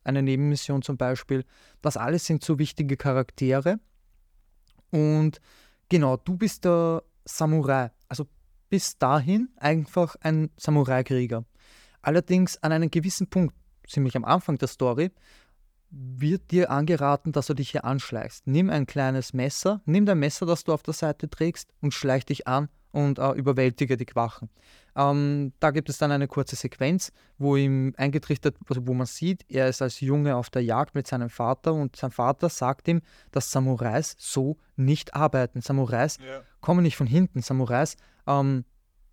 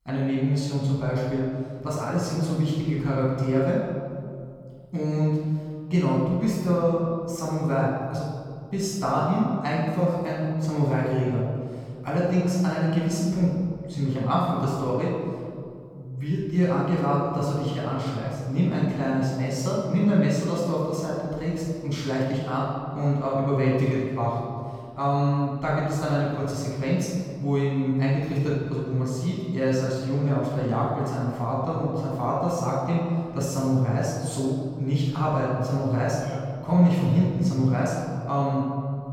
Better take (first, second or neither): first